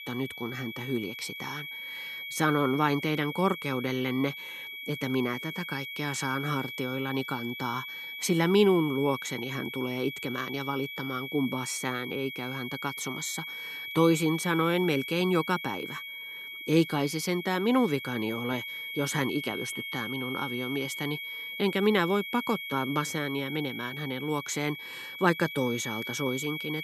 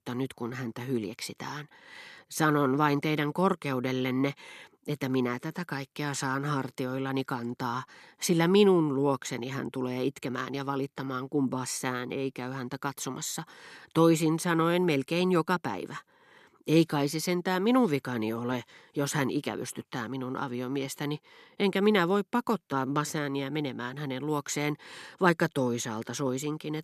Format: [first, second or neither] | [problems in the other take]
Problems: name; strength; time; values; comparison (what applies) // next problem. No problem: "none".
second | high-pitched whine; loud; throughout; 2.5 kHz, 7 dB below the speech